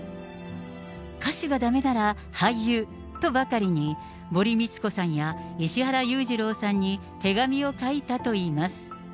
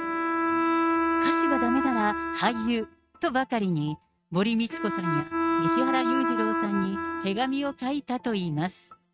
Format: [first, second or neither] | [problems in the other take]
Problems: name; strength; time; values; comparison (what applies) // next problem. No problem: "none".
first | noise reduction (neural mask model RNNoise)